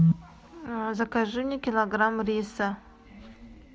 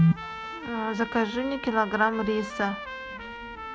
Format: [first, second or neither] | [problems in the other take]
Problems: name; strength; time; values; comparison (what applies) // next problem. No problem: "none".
first | background sound (Trumpet); 11 dB below the speech